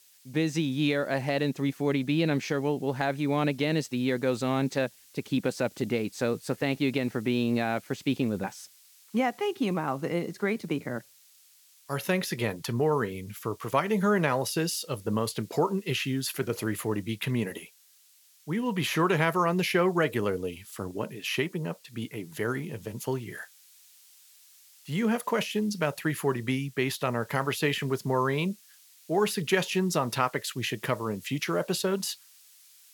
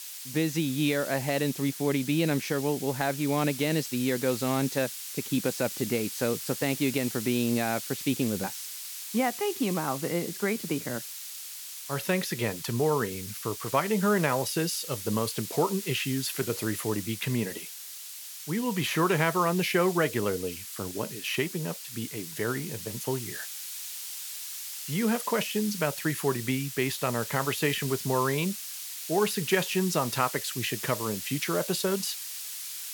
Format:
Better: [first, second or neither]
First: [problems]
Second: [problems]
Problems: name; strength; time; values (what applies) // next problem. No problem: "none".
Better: first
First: hiss; faint; throughout; 25 dB below the speech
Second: hiss; loud; throughout; 7 dB below the speech